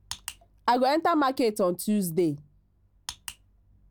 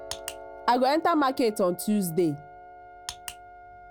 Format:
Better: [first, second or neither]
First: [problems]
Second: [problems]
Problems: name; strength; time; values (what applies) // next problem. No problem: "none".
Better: first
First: none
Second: background sound (Trumpet + Piano); 17 dB below the speech